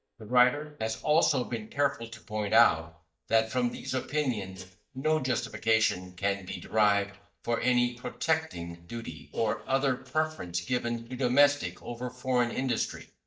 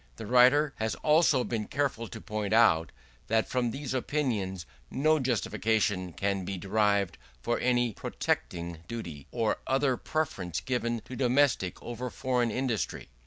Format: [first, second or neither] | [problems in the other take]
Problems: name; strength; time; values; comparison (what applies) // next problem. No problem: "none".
second | noise reduction (neural mask model DeepFilterNet 3)